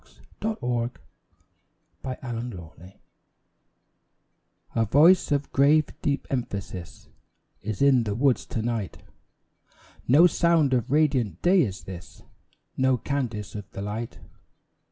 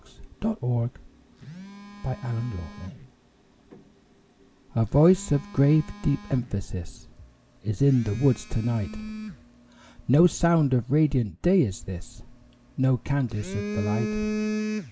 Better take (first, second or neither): first